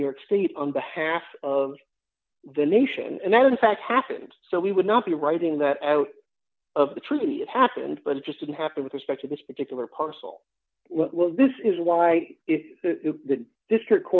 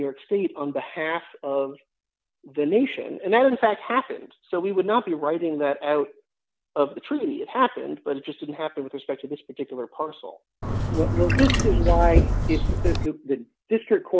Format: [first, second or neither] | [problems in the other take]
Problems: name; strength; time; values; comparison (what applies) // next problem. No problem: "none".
first | background sound (Trickle, dribble / Chirp, tweet); 5 dB above the speech